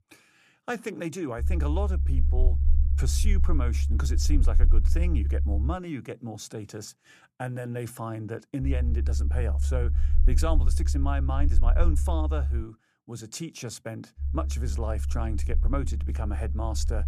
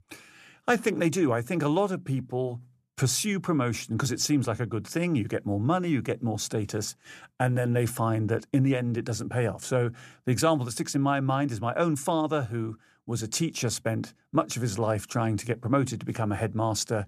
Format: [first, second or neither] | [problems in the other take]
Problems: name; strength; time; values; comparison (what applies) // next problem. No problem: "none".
second | low rumble; loud; from 1.5 to 5.5 s, from 8.5 to 13 s and from 14 s on; 10 dB below the speech